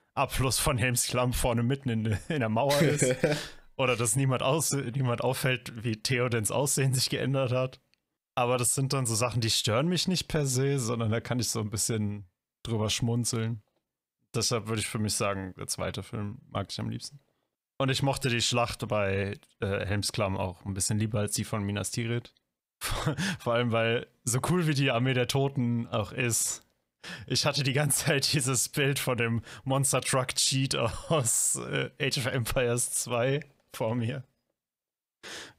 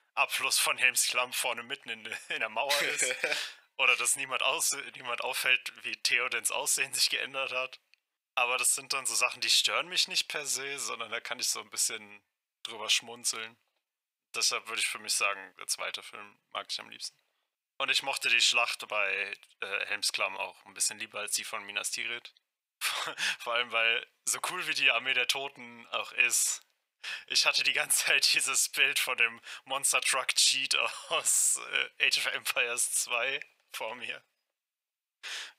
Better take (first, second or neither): first